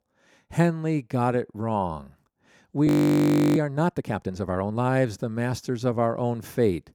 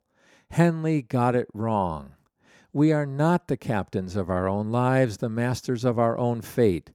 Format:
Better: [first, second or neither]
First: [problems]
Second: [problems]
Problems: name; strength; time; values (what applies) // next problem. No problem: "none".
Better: second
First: audio freezing; at 3 s for 0.5 s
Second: none